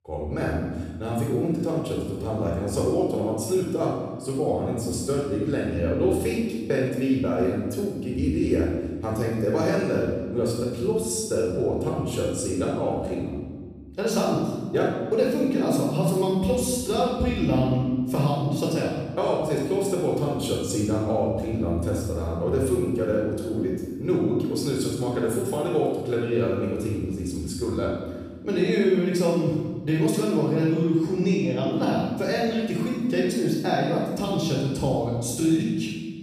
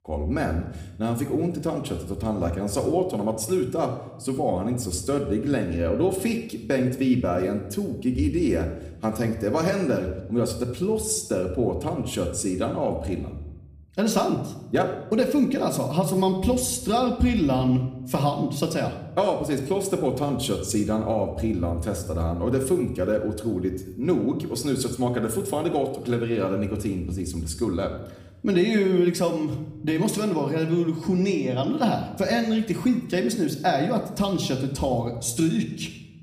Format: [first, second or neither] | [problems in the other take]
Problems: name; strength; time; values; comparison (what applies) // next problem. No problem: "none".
second | room echo; strong; dies away in 1.3 s; slight in the second // off-mic speech; far; somewhat distant in the second